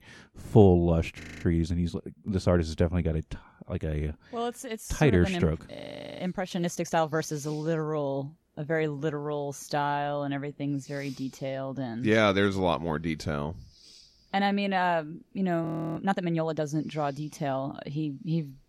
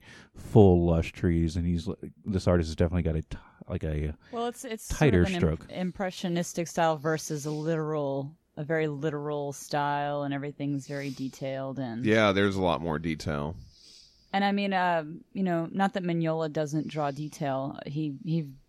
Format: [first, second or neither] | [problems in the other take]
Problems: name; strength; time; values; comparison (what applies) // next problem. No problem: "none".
second | audio freezing; at 1 s, at 6 s and at 16 s